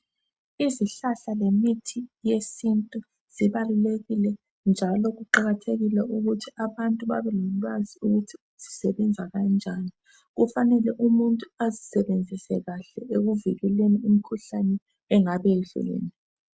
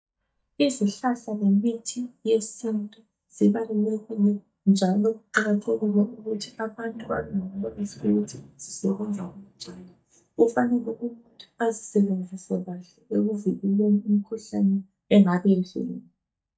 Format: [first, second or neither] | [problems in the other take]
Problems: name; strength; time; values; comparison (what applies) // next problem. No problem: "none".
first | noise reduction (neural mask model DeepFilterNet 3)